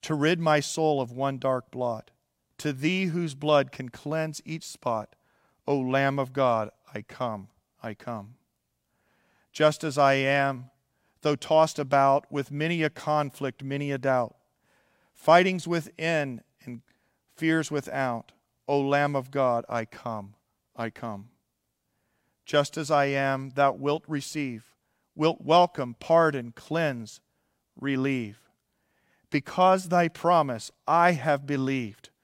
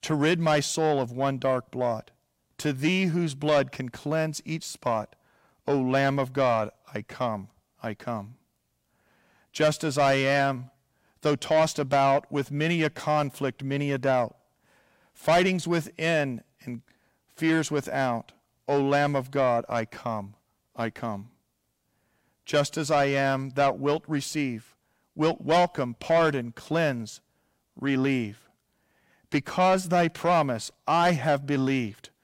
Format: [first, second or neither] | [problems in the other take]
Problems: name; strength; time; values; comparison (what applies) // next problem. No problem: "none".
first | distortion; slight; 10 dB below the speech